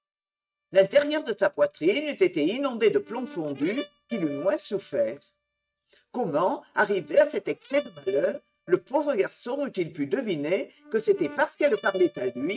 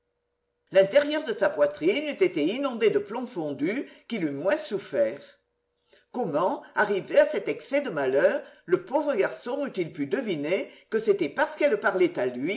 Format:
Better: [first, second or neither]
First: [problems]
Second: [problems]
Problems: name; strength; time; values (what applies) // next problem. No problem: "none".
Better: second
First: noise reduction (neural mask model RNNoise)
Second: none